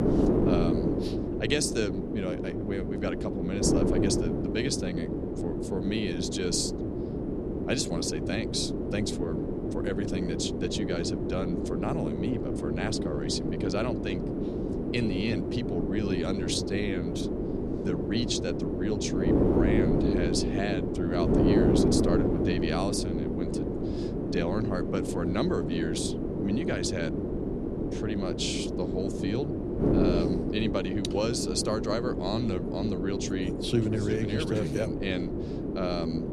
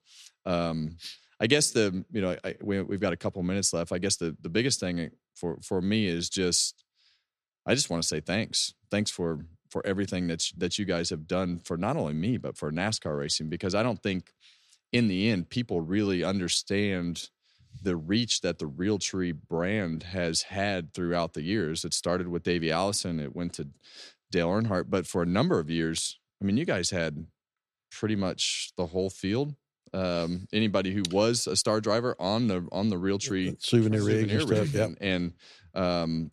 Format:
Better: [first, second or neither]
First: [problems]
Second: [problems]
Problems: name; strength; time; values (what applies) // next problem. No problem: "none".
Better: second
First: wind noise on the microphone; heavy; as loud as the speech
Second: none